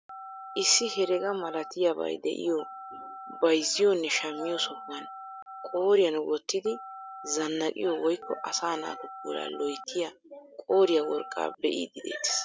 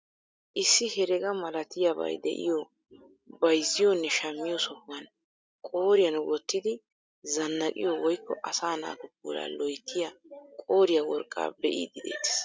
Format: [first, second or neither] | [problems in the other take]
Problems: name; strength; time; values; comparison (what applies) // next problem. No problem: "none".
second | background sound (Telephone); 15 dB below the speech